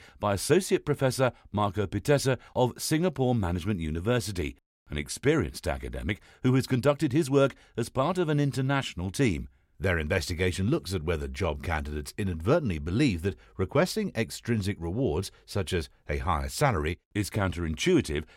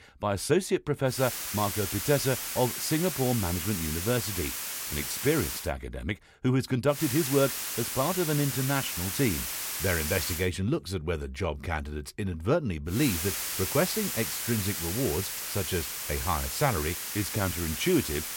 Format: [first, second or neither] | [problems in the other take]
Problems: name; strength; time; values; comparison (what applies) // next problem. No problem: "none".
first | hiss; loud; from 1 to 5.5 s, from 7 to 10 s and from 13 s on; 2 dB below the speech